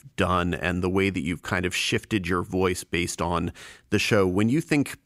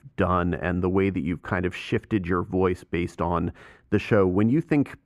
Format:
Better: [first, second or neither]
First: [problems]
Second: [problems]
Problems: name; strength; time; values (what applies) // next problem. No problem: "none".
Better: first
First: none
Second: muffled; very; fading above 2.5 kHz